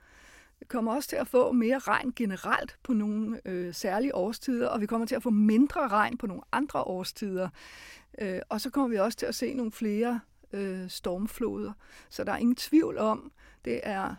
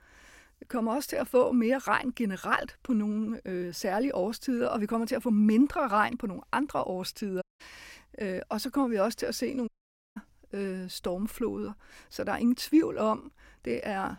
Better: first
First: none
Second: audio cutting out; at 7.5 s and at 9.5 s

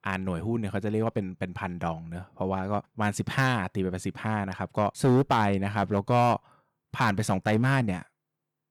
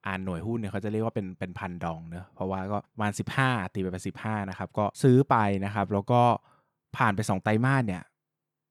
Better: second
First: distortion; slight; 3% of the sound clipped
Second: none

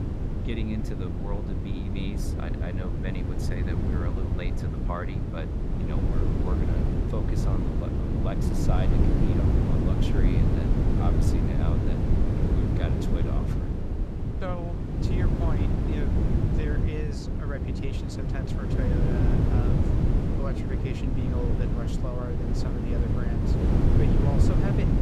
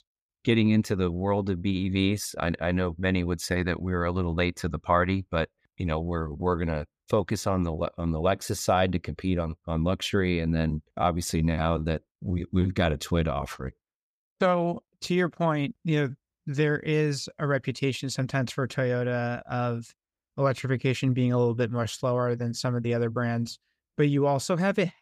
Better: second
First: wind noise on the microphone; heavy; 4 dB above the speech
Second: none

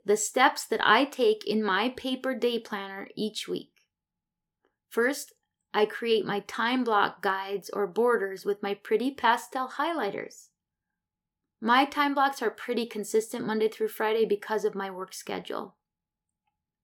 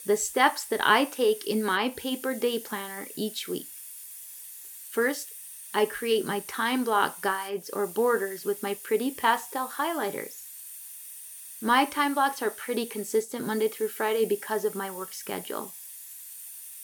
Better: first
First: none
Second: hiss; noticeable; throughout; 15 dB below the speech

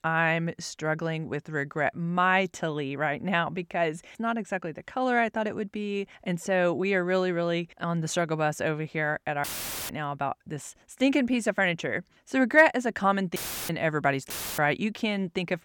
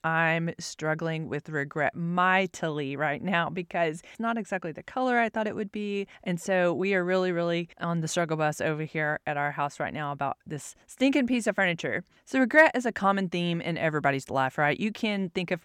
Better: second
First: audio cutting out; filled with static; at 9.5 s, at 13 s and at 14 s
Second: none

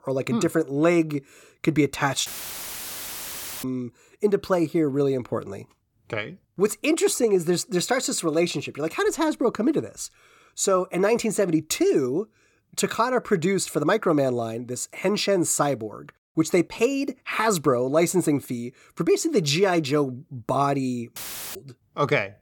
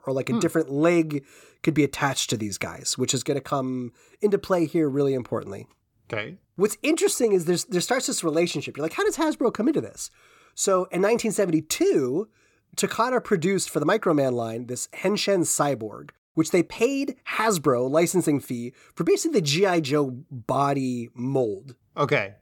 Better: second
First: audio cutting out; filled with static; at 2.5 s for 1.5 s and at 21 s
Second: none

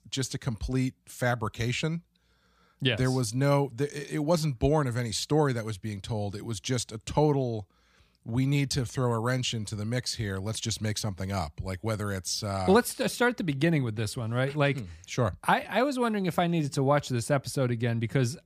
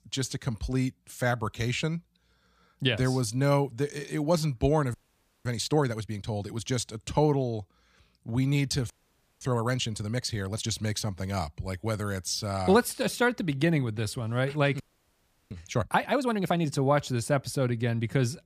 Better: first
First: none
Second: audio freezing; at 5 s for 0.5 s, at 9 s for 0.5 s and at 15 s for 0.5 s

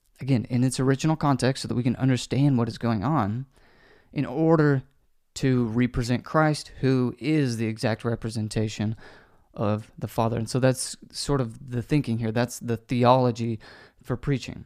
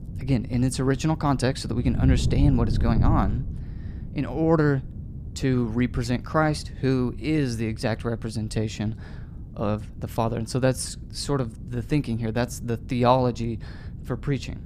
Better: first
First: none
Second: wind noise on the microphone; occasional gusts; 15 dB below the speech

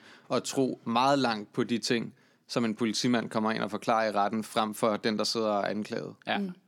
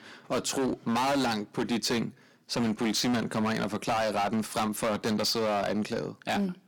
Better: first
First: none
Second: distortion; heavy; 18% of the sound clipped

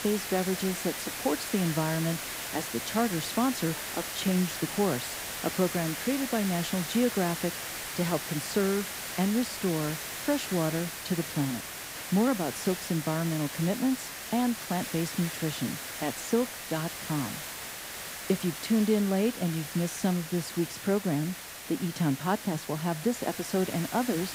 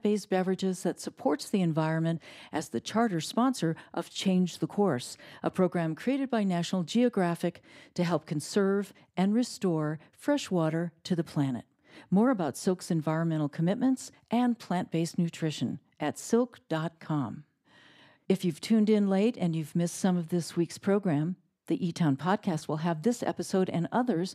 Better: second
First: hiss; loud; throughout; 5 dB below the speech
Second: none

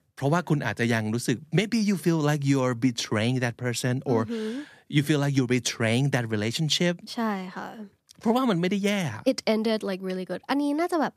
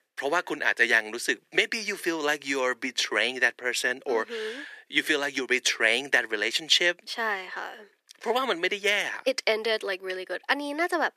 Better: first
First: none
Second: thin; very; fading below 400 Hz

